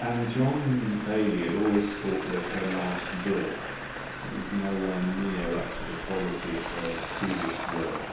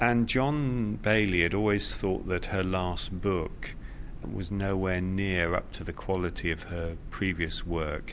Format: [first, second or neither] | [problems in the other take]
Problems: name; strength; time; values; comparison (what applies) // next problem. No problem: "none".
second | background sound (Traffic noise, roadway noise); 7 dB below the speech // room echo; dies away in 2.2 s